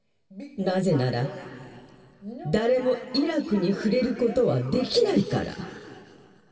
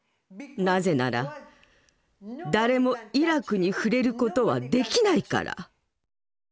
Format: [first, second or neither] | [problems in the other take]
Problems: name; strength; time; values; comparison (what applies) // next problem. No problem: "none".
second | room echo; dies away in 2.9 s